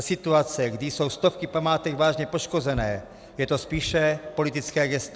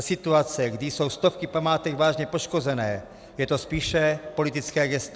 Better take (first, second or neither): second